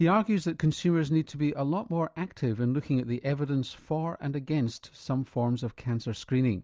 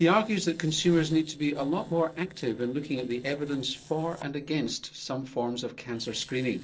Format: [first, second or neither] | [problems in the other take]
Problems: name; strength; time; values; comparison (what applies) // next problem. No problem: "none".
first | noise reduction (neural separator model SepFormer DNS4)